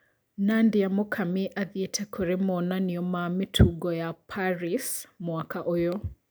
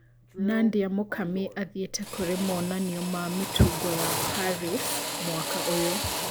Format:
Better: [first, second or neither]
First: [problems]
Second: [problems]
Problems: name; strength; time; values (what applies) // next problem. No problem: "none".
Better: first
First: none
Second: background sound (Drill); 4 dB below the speech